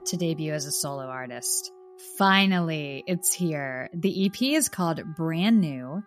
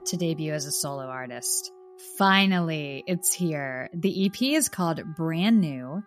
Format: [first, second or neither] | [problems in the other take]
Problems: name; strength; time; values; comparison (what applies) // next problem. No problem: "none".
neither | background music; faint; throughout; 25 dB below the speech; the same in both